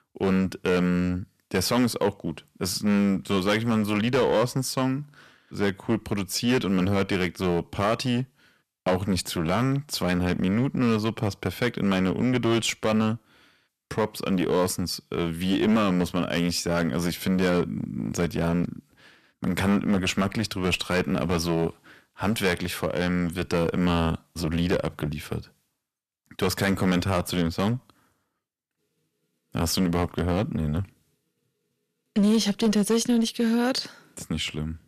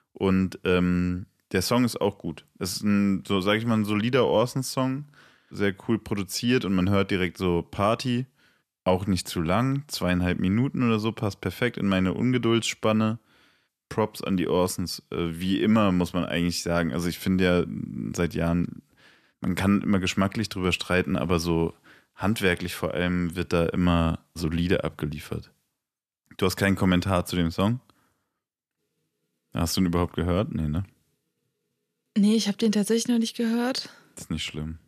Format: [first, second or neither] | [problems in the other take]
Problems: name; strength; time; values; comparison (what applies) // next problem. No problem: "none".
second | distortion; slight; 8% of the sound clipped